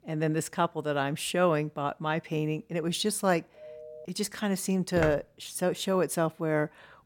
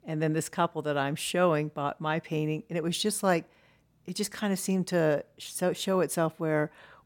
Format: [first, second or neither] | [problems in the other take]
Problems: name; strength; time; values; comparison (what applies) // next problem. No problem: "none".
second | phone ringing; faint; at 3.5 s; peak 15 dB below the speech // footsteps; noticeable; at 5 s; peak 6 dB below the speech